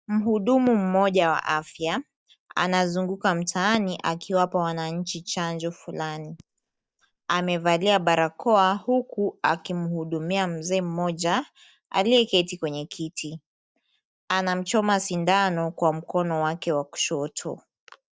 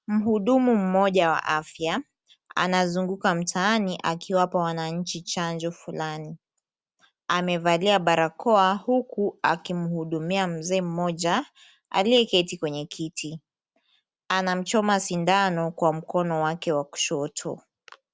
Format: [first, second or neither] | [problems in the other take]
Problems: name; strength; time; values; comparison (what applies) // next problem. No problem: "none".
second | noise reduction (neural mask model DeepFilterNet 3)